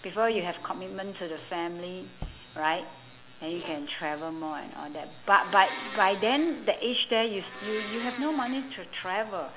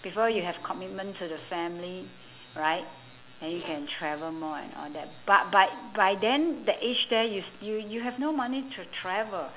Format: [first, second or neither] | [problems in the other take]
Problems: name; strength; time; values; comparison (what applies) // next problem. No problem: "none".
second | background sound (Tap / Bass drum + Domestic sounds, home sounds); 12 dB below the speech